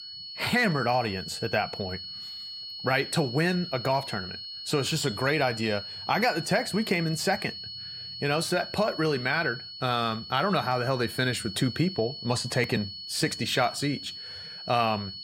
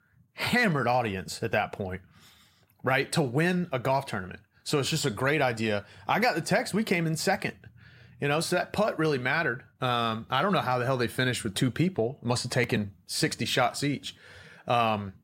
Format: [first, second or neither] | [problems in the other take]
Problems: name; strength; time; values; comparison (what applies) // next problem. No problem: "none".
second | high-pitched whine; loud; throughout; 4.5 kHz, 9 dB below the speech